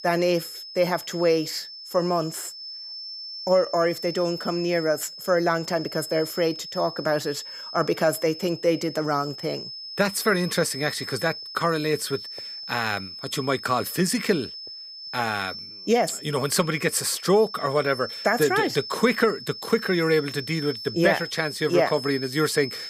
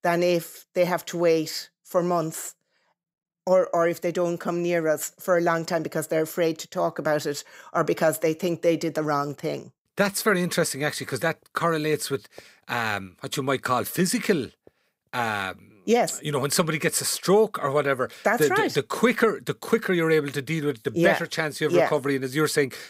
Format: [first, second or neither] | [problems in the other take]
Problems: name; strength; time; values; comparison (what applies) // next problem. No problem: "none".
second | high-pitched whine; noticeable; throughout; 5 kHz, 10 dB below the speech